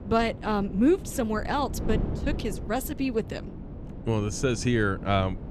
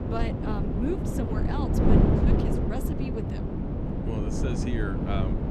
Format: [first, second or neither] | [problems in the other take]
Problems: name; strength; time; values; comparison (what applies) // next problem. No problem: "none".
first | wind noise on the microphone; heavy; 4 dB above the speech; occasional gusts in the first